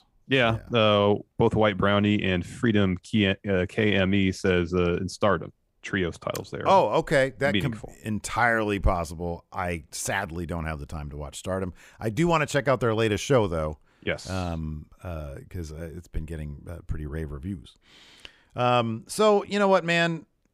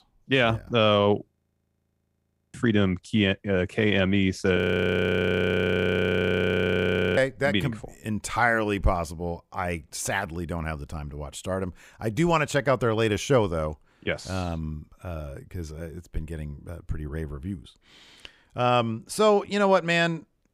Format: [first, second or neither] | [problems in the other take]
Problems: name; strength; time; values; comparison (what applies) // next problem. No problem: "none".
first | audio freezing; at 1.5 s for 1 s and at 4.5 s for 2.5 s